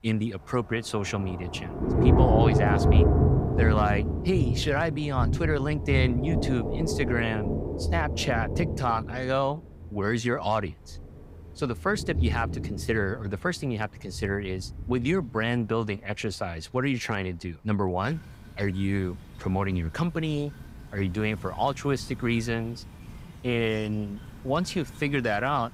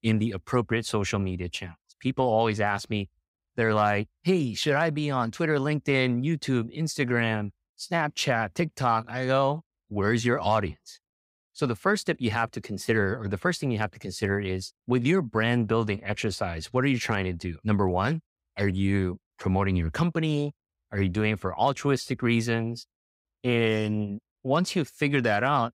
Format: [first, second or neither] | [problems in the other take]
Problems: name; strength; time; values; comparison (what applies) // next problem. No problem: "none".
second | rain or running water; very loud; throughout; 2 dB above the speech